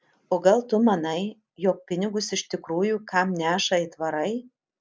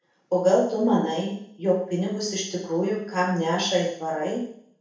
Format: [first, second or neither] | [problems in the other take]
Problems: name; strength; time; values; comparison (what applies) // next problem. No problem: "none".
first | room echo; dies away in 0.7 s